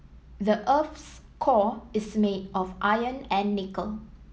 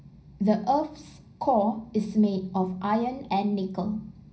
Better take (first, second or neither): first